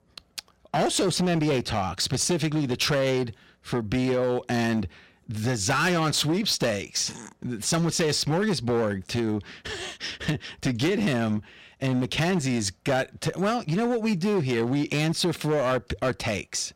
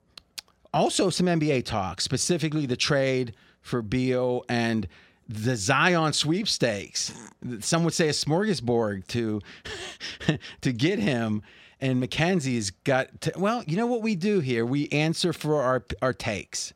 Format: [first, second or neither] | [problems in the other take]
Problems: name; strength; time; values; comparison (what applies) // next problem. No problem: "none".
second | distortion; slight; 11% of the sound clipped